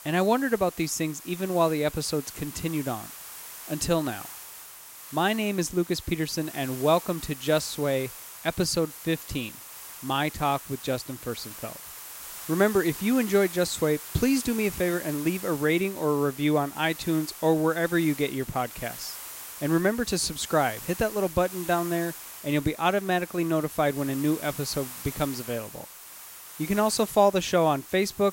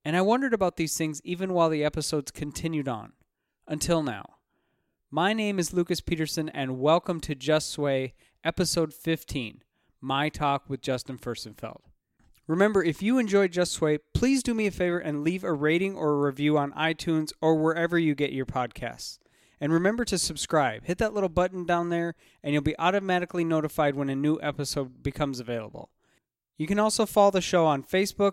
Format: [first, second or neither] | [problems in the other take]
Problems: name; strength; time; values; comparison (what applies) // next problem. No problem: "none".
second | hiss; noticeable; throughout; 15 dB below the speech